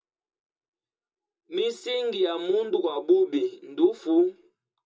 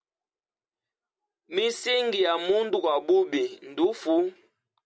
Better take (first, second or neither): second